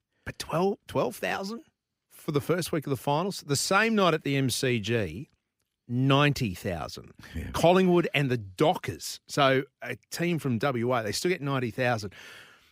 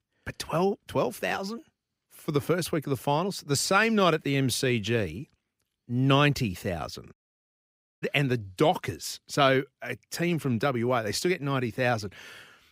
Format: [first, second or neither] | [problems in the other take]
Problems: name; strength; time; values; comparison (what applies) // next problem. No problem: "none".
first | audio cutting out; at 7 s for 1 s